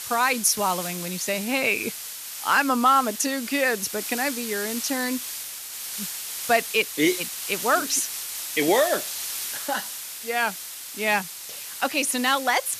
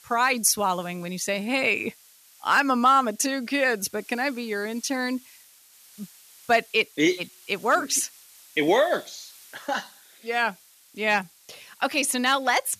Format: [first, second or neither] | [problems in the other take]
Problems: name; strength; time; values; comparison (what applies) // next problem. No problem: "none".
second | hiss; loud; throughout; 7 dB below the speech; faint in the second